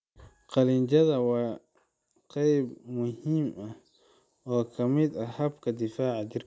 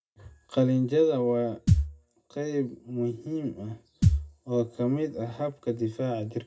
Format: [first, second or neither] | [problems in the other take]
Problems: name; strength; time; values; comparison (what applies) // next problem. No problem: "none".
first | background sound (Thump, thud); 2 dB above the speech // room echo; dies away in 0.2 s